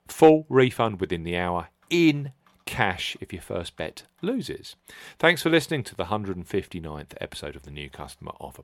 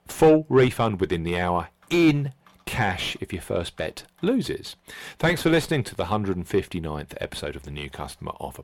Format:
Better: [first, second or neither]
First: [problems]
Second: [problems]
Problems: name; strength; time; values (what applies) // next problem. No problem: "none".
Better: first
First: none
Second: distortion; heavy; 6 dB below the speech